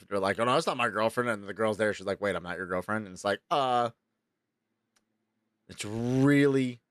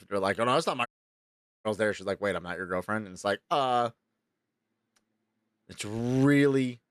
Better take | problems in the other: first | audio cutting out; at 1 s for 1 s

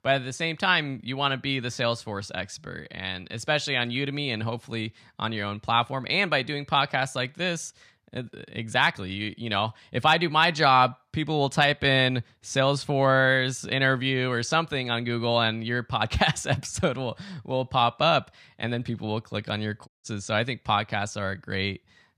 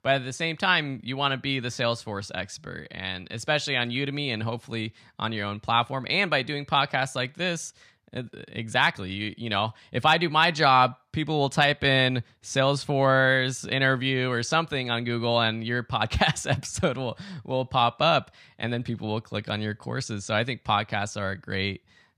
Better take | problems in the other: second | audio cutting out; at 20 s

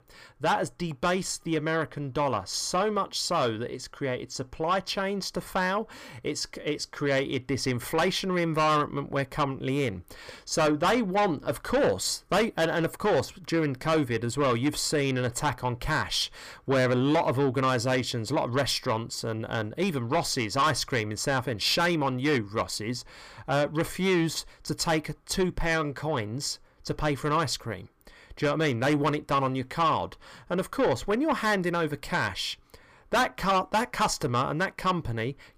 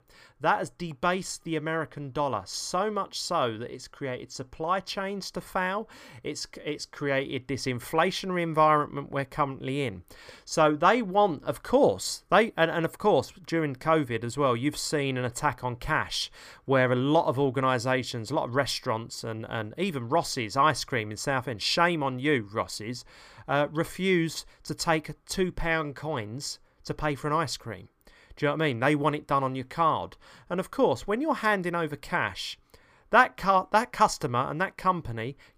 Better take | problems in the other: second | distortion; heavy; 8 dB below the speech

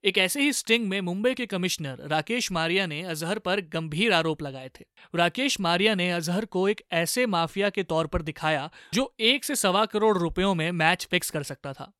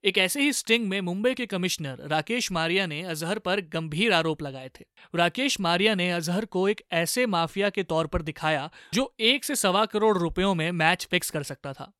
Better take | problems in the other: neither | none

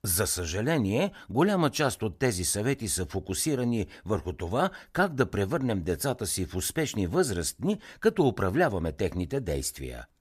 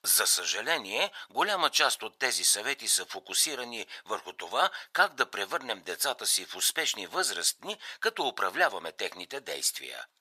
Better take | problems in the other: first | thin; very; fading below 950 Hz

